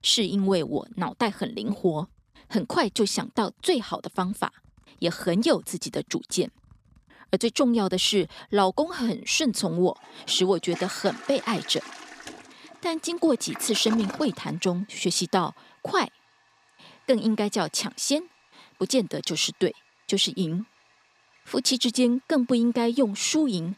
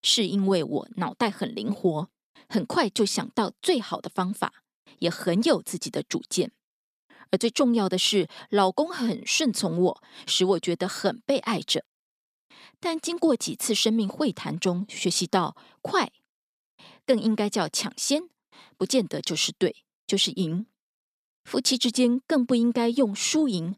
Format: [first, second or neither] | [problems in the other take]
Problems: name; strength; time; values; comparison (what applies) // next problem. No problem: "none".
second | household noises; noticeable; throughout; 15 dB below the speech